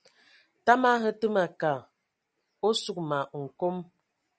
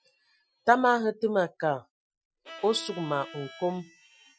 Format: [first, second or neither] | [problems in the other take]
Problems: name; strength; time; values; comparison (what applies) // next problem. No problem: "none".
first | noise reduction (classical method Wiener filter)